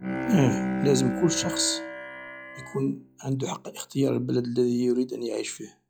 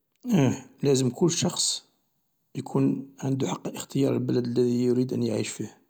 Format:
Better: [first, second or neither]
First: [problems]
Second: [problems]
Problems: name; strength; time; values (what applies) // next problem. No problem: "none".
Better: second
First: noise reduction (classical method log-MMSE)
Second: none